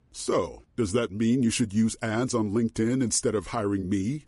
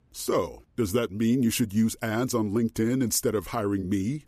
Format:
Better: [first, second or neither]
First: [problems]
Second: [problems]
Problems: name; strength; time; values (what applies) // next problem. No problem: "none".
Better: second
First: garbled, watery; slightly; nothing above 10.5 kHz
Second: none